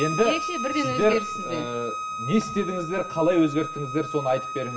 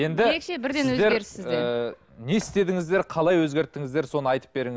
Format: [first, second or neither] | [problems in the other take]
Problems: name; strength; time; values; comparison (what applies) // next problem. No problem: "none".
second | background sound (Bowed string instrument); 7 dB below the speech // room echo; dies away in 0.9 s